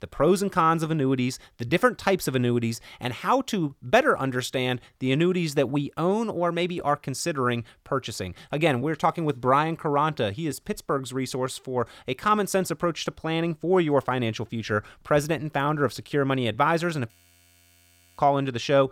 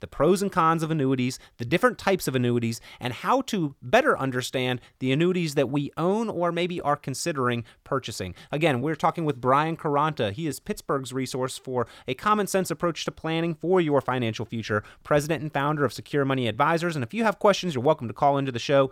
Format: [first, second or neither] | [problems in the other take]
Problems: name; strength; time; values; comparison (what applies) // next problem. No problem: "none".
second | audio freezing; at 17 s for 1 s